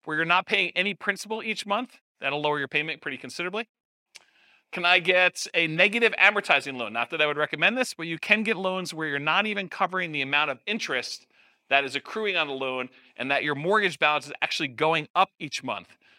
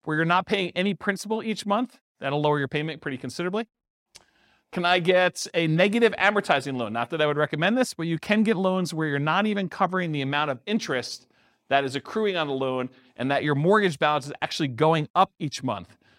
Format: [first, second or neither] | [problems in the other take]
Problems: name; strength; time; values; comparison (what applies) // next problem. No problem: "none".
second | thin; very slightly; fading below 400 Hz